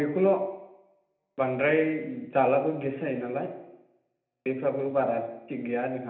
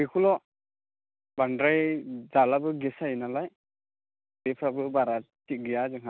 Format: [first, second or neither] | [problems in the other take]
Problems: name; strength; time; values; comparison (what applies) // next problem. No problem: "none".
second | room echo; dies away in 0.8 s